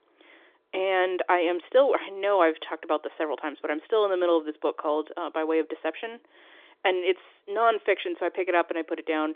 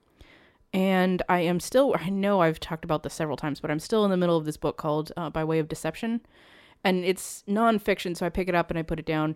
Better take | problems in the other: second | phone-call audio; nothing above 3.5 kHz

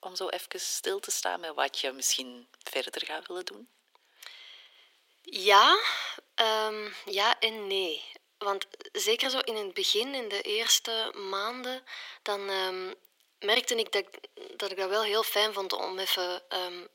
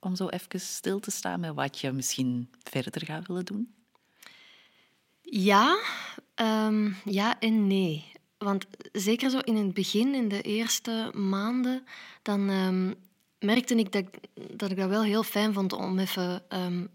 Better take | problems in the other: second | thin; very; fading below 400 Hz

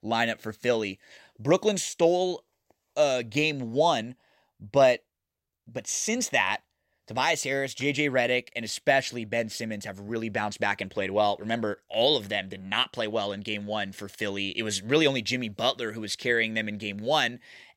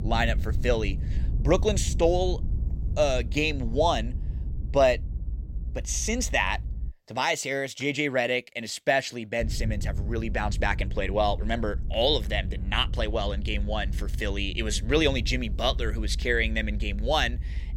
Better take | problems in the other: first | low rumble; faint; until 7 s and from 9.5 s on; 20 dB below the speech

